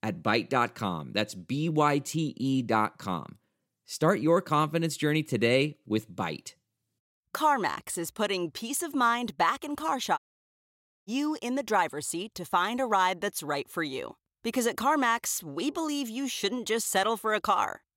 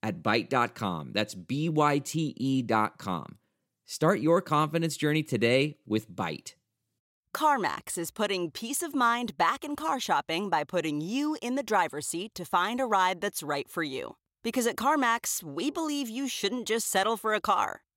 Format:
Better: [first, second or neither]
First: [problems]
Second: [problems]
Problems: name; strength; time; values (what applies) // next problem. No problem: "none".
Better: second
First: audio cutting out; at 10 s for 1 s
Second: none